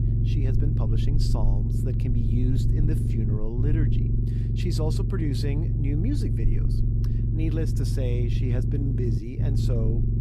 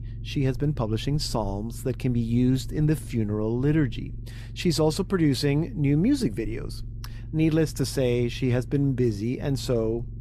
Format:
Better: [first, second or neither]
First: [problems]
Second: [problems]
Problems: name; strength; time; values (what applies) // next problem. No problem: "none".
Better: second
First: low rumble; loud; throughout; 1 dB below the speech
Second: low rumble; faint; throughout; 25 dB below the speech